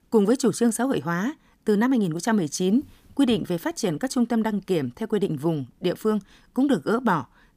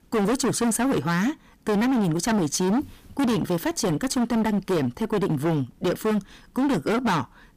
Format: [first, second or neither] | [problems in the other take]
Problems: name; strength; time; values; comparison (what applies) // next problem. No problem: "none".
first | distortion; heavy; 27% of the sound clipped